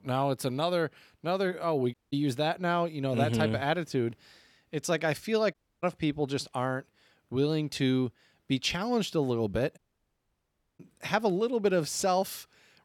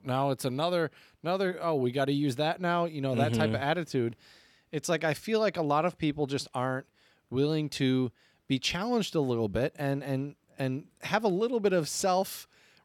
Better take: second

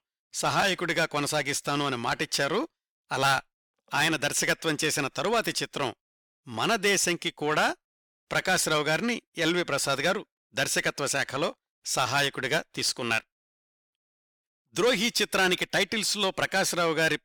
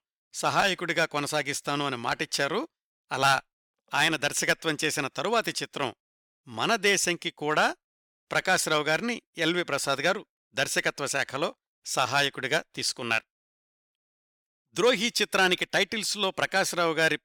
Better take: second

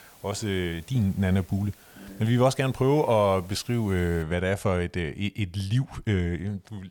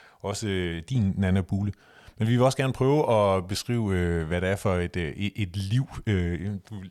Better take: second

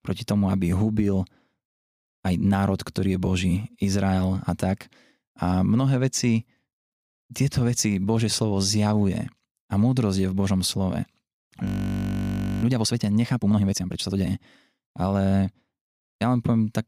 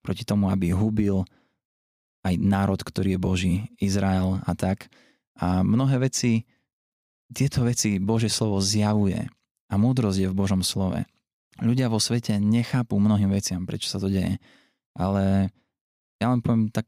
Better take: second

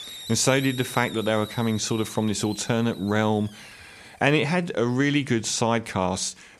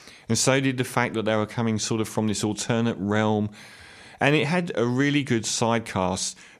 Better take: second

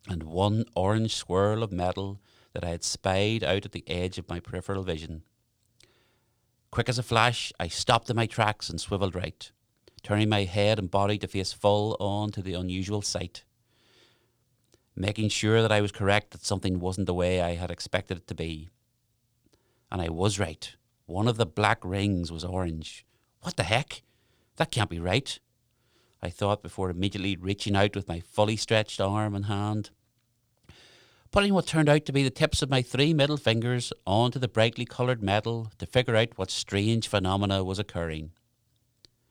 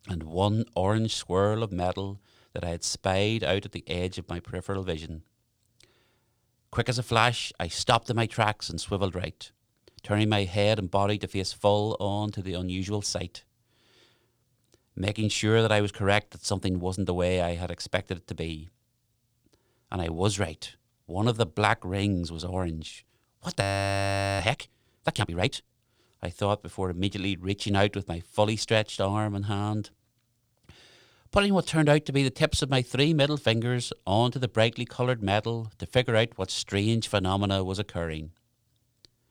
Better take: first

